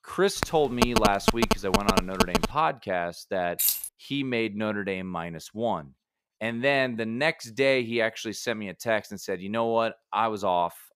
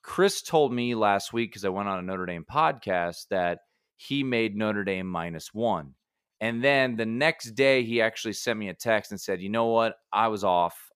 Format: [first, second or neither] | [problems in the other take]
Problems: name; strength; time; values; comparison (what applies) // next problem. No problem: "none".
second | phone ringing; loud; until 2.5 s; peak 4 dB above the speech // jangling keys; loud; at 3.5 s; peak 4 dB above the speech